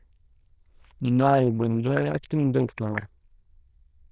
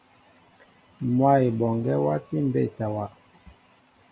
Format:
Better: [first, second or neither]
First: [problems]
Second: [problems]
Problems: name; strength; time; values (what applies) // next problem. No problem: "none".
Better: second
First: noise reduction (neural diffusion model UNIVERSE++)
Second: none